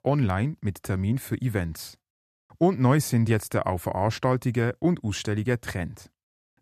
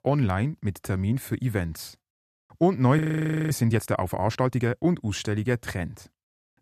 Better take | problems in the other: first | audio freezing; at 3 s for 0.5 s

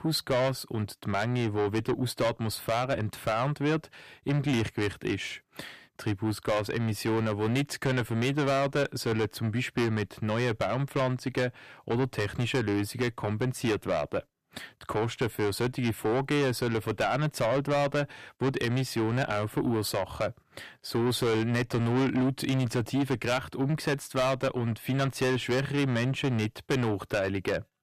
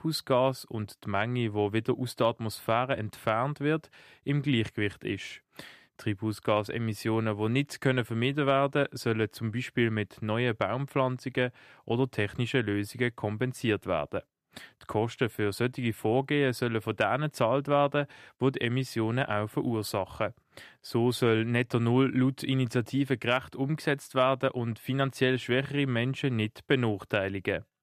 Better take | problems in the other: second | distortion; heavy; 7 dB below the speech

